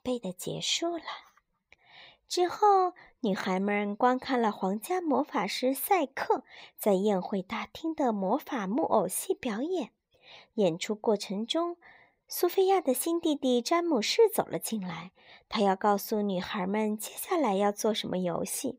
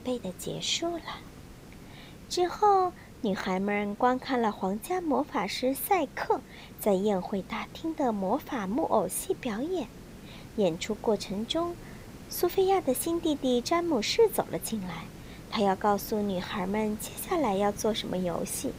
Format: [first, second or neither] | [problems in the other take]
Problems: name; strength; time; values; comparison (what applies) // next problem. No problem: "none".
first | hiss; noticeable; throughout; 20 dB below the speech